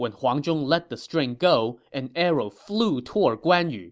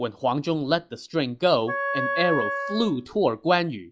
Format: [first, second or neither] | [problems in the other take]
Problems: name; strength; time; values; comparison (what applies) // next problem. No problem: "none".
first | noise reduction (classical method log-MMSE)